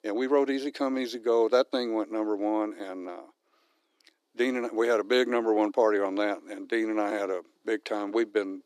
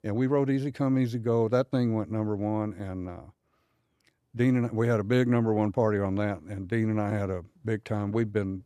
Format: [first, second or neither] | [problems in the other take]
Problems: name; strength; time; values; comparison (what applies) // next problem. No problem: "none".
second | thin; somewhat; fading below 300 Hz